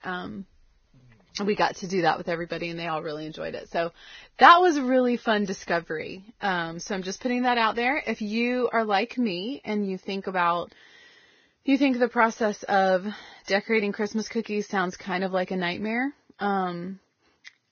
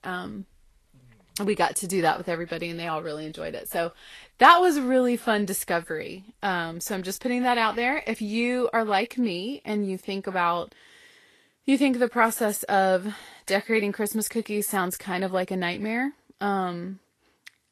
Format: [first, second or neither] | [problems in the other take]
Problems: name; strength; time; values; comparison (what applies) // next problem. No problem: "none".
second | garbled, watery; badly; nothing above 6.5 kHz; slightly in the second